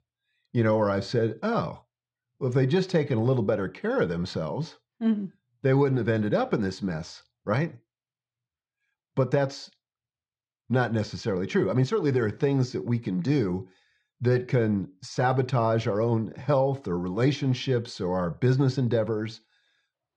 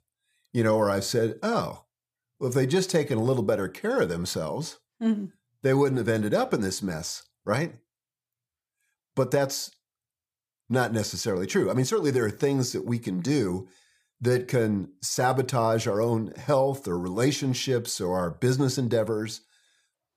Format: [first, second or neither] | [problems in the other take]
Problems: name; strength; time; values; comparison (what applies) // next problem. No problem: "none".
second | muffled; very slightly; fading above 4 kHz